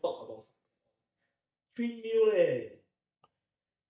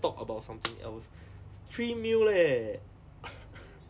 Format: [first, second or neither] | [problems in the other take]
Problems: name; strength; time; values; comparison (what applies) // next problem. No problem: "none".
second | noise reduction (neural mask model DeepFilterNet 3)